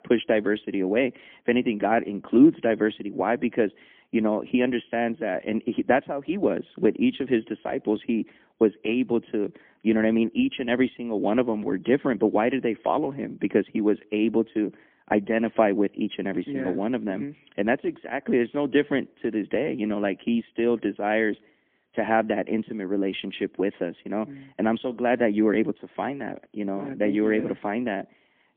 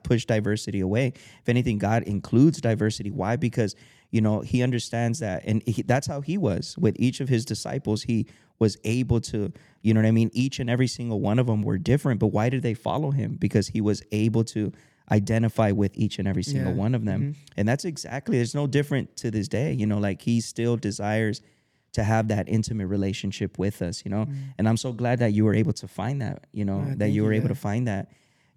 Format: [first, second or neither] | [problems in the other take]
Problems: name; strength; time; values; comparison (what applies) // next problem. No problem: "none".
second | phone-call audio; poor line; nothing above 3.5 kHz